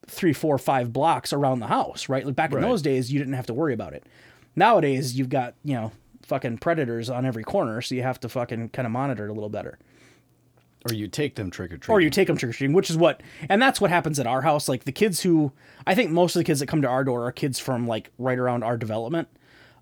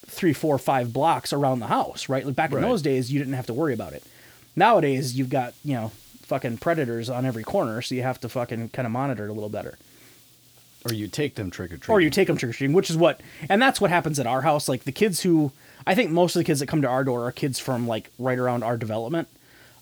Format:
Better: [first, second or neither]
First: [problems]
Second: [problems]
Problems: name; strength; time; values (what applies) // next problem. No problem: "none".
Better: first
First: none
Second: hiss; faint; throughout; 25 dB below the speech